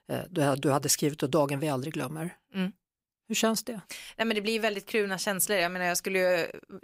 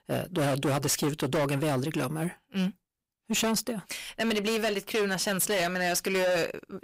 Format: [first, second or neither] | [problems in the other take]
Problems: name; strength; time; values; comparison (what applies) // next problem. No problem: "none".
first | distortion; heavy; 18% of the sound clipped